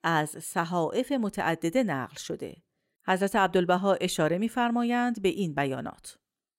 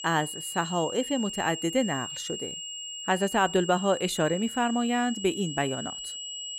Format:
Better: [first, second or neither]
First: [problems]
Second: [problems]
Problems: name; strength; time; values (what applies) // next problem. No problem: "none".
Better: first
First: none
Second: high-pitched whine; loud; throughout; 3 kHz, 7 dB below the speech